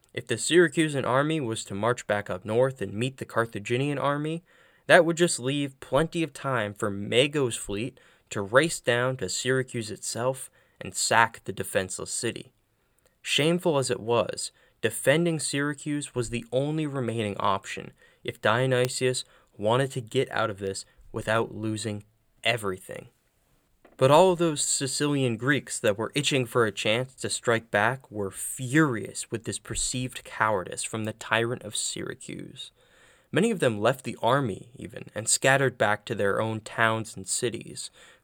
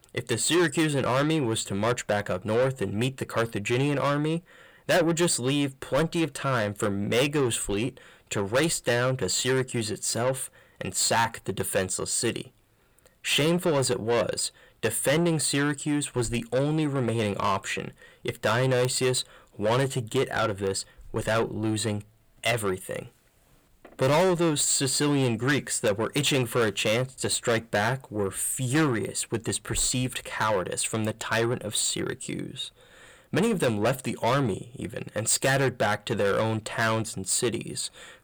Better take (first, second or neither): first